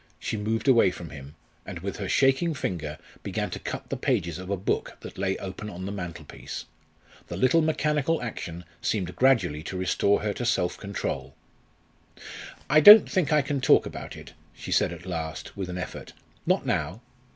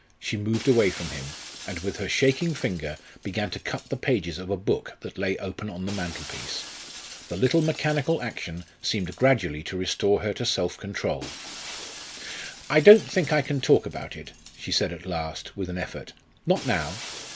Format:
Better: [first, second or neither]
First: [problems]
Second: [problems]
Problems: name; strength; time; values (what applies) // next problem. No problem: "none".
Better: first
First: none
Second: background sound (Shatter); 17 dB below the speech